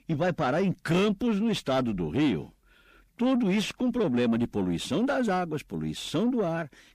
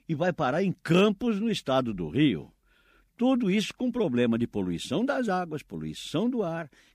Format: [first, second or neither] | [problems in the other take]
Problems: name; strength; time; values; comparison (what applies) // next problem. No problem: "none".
second | distortion; slight; 10 dB below the speech